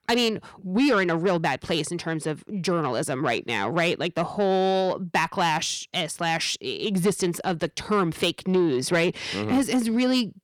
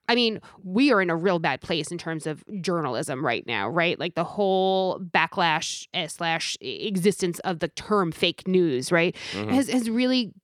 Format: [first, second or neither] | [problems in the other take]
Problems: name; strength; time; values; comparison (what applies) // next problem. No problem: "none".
second | distortion; slight; 10 dB below the speech